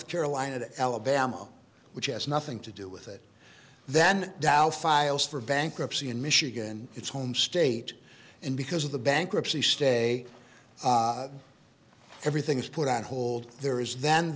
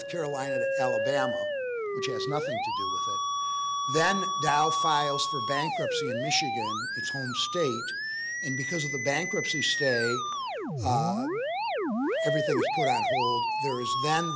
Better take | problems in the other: first | background sound (Musical instrument); 2 dB above the speech

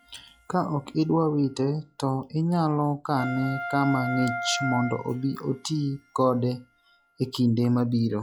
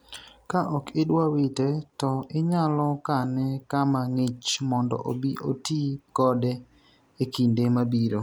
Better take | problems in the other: second | noise reduction (classical method log-MMSE)

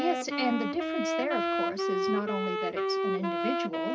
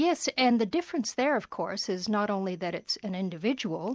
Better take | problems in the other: second | background sound (Wind instrument, woodwind instrument); 3 dB above the speech // room echo; dies away in 0.4 s

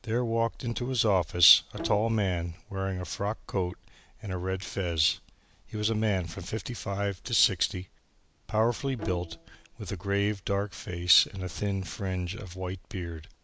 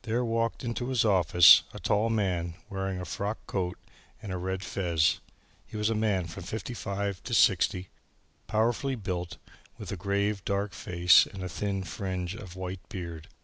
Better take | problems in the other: second | background sound (Bowed string instrument); 15 dB below the speech

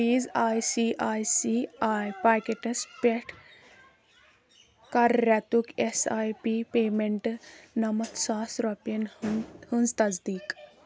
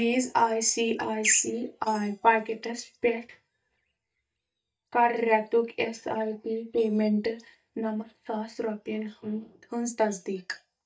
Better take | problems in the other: first | noise reduction (neural mask model DeepFilterNet 3)

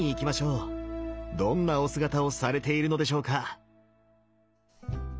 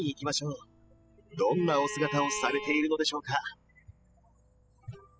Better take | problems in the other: first | noise reduction (classical method spectral subtraction)

